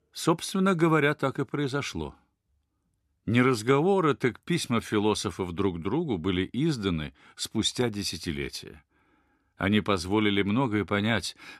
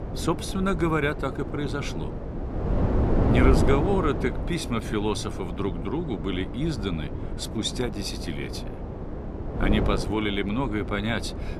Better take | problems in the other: first | wind noise on the microphone; heavy; 5 dB below the speech

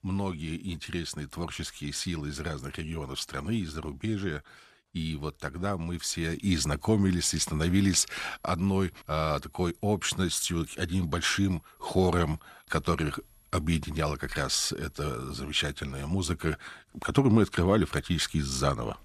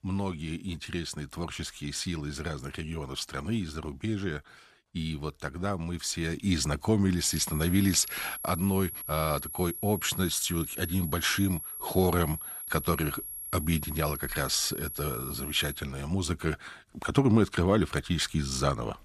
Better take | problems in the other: first | high-pitched whine; loud; from 7 to 16 s; 11.5 kHz, 7 dB below the speech; faint in the first

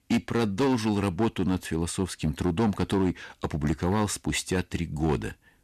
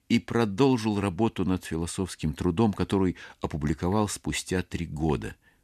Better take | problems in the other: second | distortion; slight; 8% of the sound clipped

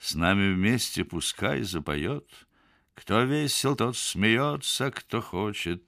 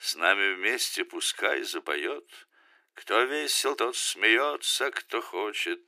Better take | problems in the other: first | thin; very; fading below 350 Hz

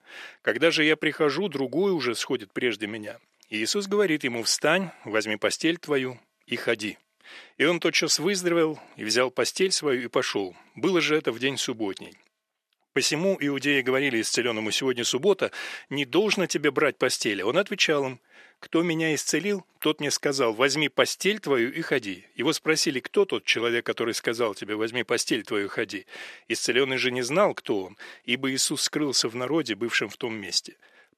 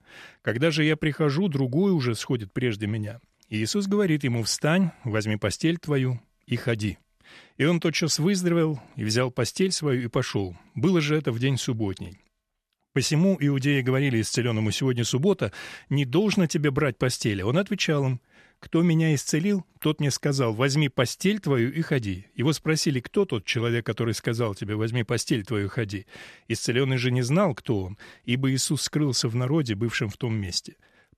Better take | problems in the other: second | thin; somewhat; fading below 400 Hz

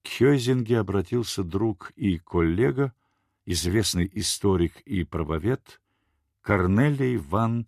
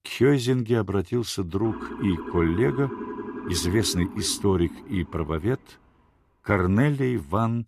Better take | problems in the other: first | siren; noticeable; from 1.5 to 5.5 s; peak 9 dB below the speech

